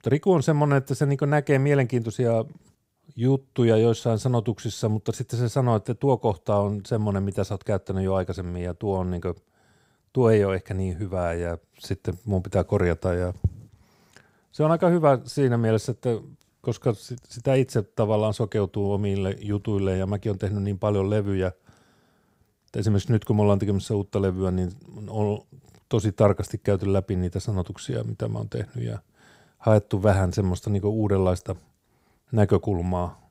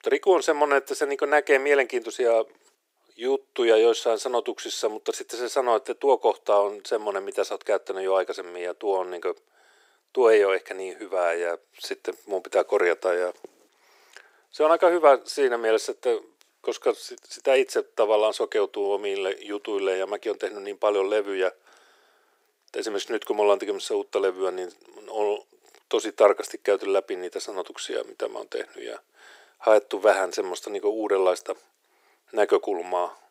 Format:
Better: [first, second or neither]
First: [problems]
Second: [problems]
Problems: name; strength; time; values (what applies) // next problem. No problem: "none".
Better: first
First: none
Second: thin; very; fading below 350 Hz